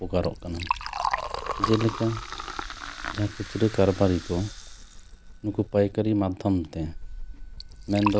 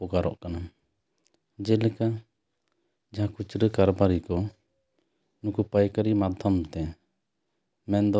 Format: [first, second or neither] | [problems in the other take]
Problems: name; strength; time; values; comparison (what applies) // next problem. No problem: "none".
second | background sound (Liquid); 7 dB below the speech